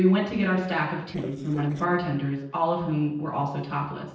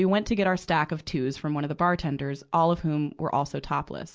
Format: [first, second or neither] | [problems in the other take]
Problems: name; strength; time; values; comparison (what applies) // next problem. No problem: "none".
second | noise reduction (neural separator model SepFormer DNS4)